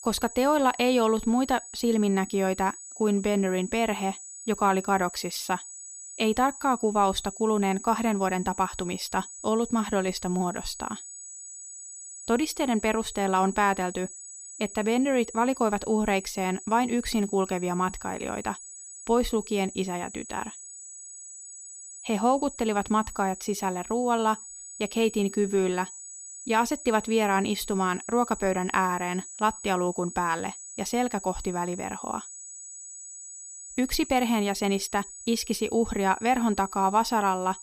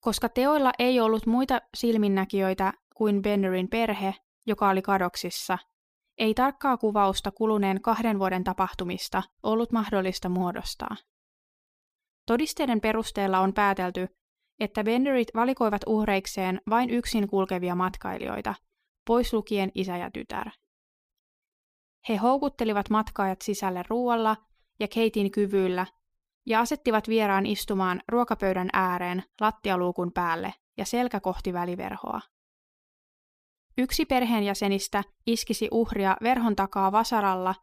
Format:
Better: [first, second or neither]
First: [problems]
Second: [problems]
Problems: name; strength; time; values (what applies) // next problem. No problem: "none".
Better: second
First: high-pitched whine; noticeable; throughout; 8 kHz, 15 dB below the speech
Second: none